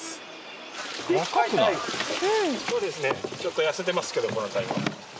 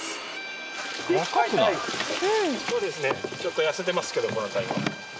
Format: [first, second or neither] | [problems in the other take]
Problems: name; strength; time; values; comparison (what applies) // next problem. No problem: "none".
first | background sound (Bowed string instrument); 13 dB below the speech